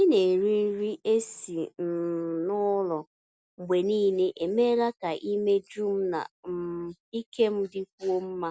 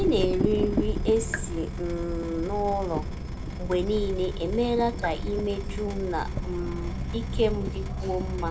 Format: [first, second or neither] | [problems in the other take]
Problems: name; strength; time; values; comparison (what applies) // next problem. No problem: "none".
first | background sound (Drip / Water tap, faucet); 2 dB below the speech // room echo; dies away in 1.1 s